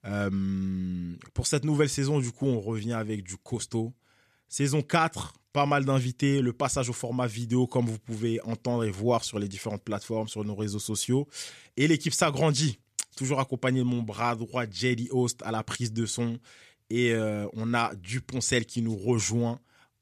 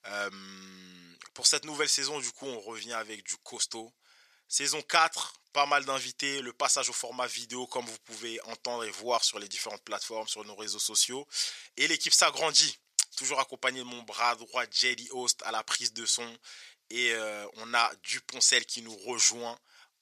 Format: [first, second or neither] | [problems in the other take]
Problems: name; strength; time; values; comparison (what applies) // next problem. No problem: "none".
first | thin; very; fading below 800 Hz